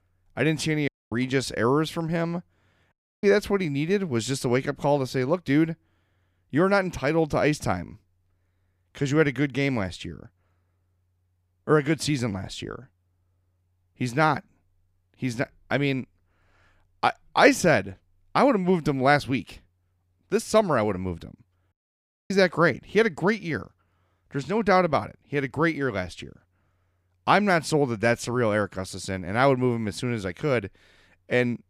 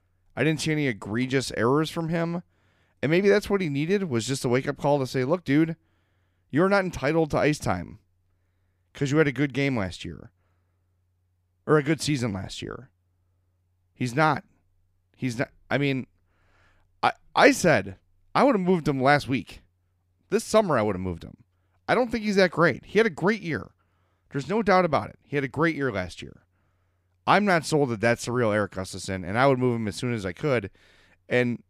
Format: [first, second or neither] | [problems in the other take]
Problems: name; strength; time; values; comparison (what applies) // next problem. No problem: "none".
second | audio cutting out; at 1 s, at 3 s and at 22 s for 0.5 s